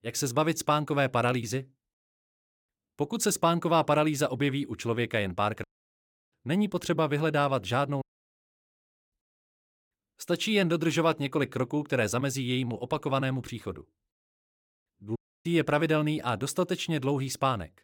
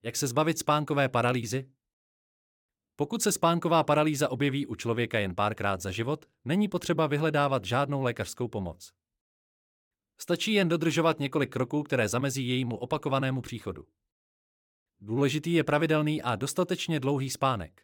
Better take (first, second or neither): second